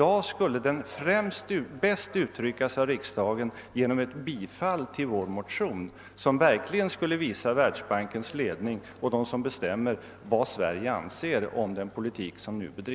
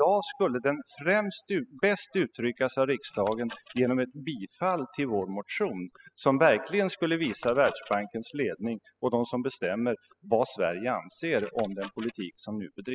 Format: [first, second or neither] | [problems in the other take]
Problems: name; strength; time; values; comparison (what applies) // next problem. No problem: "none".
first | noise reduction (classical method spectral subtraction)